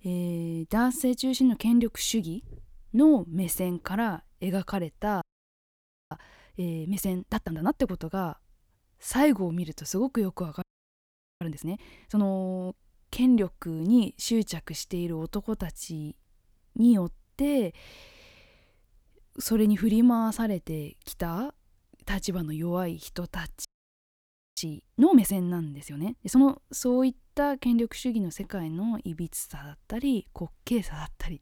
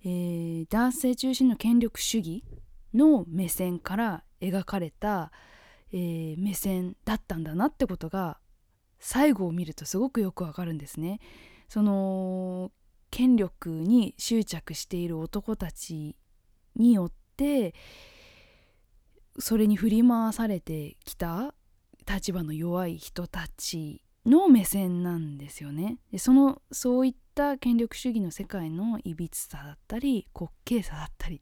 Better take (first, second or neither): second